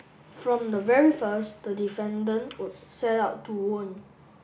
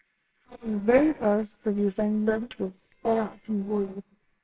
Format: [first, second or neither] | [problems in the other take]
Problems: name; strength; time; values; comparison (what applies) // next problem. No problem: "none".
first | noise reduction (neural separator model SepFormer WHAMR!)